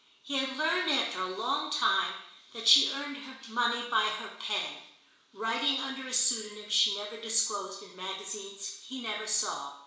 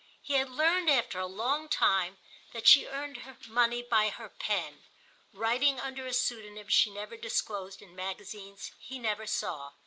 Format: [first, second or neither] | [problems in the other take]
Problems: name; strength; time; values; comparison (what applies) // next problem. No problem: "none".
second | room echo; dies away in 0.7 s